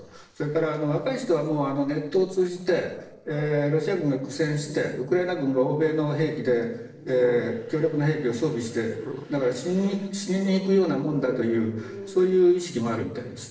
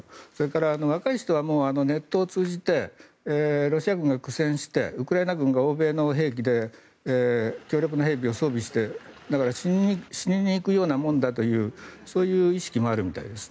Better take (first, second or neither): second